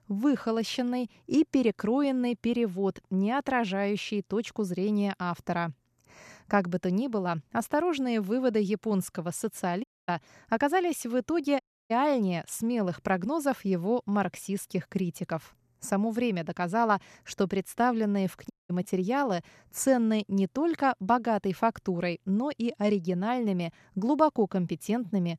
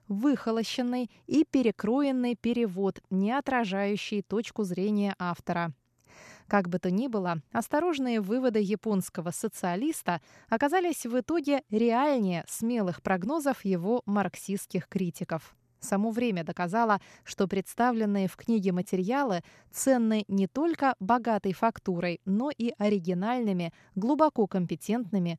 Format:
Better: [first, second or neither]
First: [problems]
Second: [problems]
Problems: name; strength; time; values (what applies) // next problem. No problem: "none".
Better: second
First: audio cutting out; at 10 s, at 12 s and at 19 s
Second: none